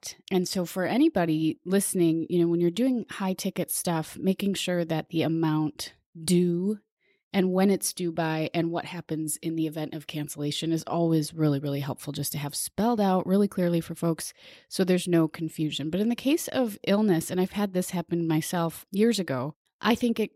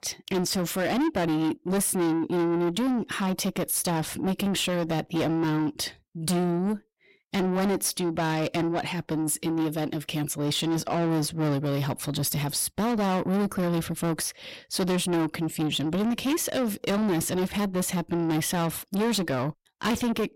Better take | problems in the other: first | distortion; heavy; 7 dB below the speech

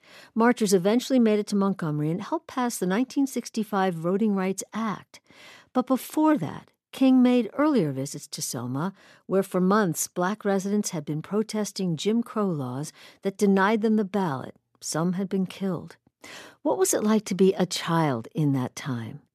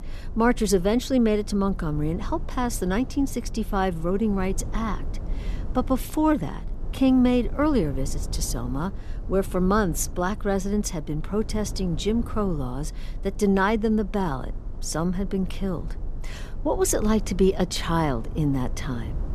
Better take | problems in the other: first | low rumble; noticeable; throughout; 20 dB below the speech

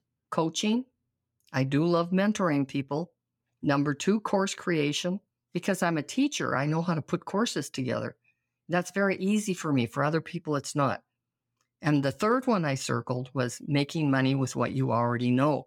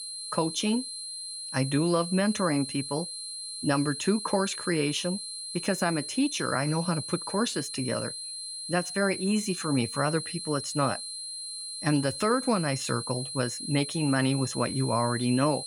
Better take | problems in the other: first | high-pitched whine; loud; throughout; 4 kHz, 6 dB below the speech

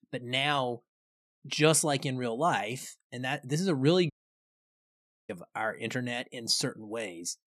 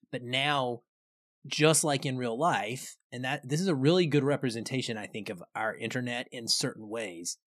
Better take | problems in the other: second | audio cutting out; at 4 s for 1 s

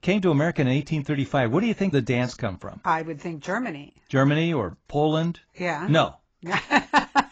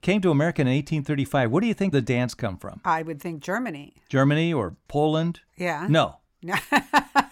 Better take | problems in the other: second | garbled, watery; badly; nothing above 7.5 kHz

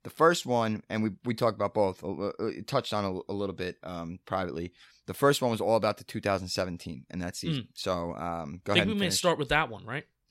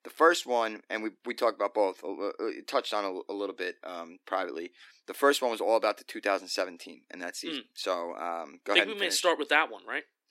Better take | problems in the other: first | thin; somewhat; fading below 300 Hz

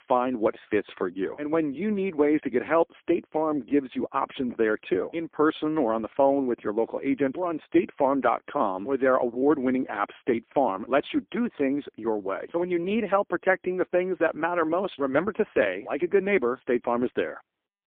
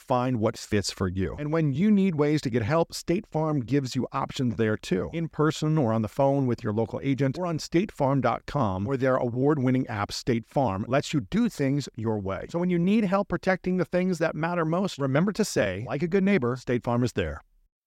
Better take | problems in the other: second | phone-call audio; poor line

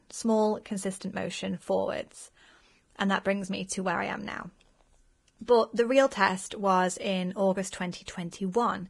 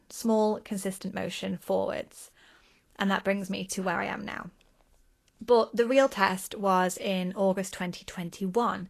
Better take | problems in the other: second | garbled, watery; badly; nothing above 10.5 kHz; slightly in the second

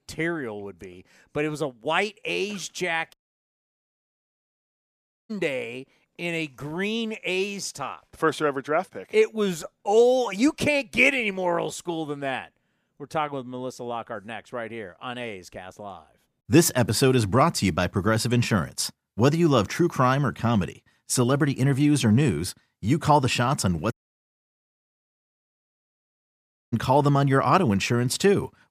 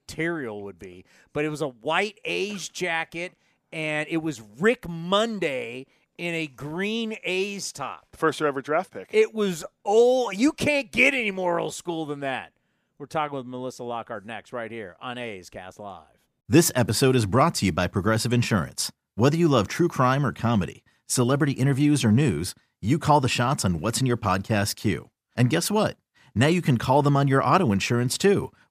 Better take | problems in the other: second | audio cutting out; at 3 s for 2 s and at 24 s for 3 s

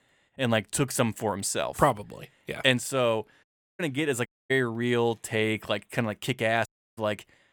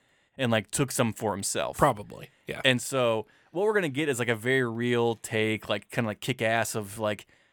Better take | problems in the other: second | audio cutting out; at 3.5 s, at 4.5 s and at 6.5 s

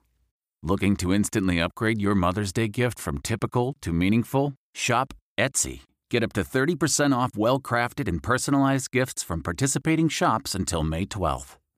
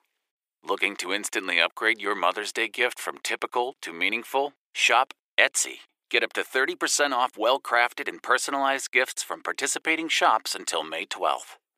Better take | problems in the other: first | thin; very; fading below 400 Hz

